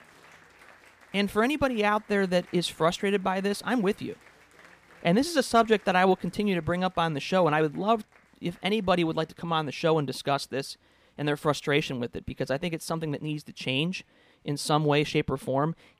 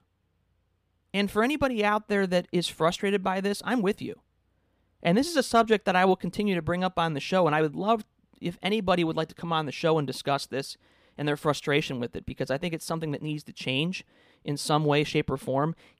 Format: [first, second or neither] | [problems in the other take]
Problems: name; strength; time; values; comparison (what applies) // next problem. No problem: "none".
second | crowd noise; faint; throughout; 30 dB below the speech